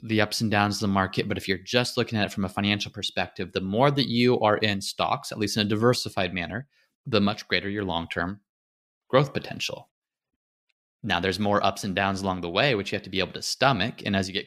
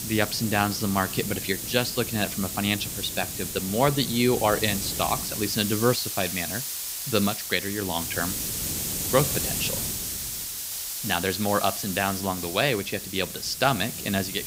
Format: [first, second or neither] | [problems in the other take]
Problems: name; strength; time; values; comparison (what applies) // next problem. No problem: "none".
first | hiss; loud; throughout; 3 dB below the speech